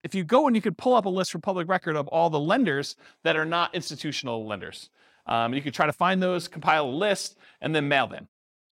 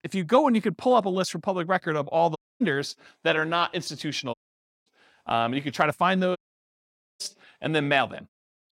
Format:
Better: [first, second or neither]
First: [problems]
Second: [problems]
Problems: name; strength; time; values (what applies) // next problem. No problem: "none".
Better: first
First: none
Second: audio cutting out; at 2.5 s, at 4.5 s for 0.5 s and at 6.5 s for 1 s